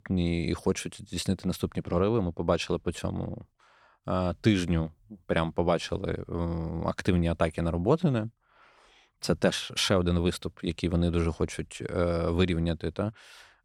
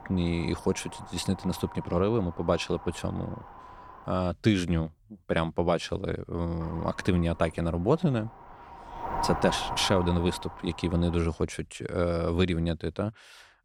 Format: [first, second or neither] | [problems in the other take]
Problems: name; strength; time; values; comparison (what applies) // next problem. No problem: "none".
first | wind noise on the microphone; heavy; until 4 s and from 6.5 to 11 s; 6 dB below the speech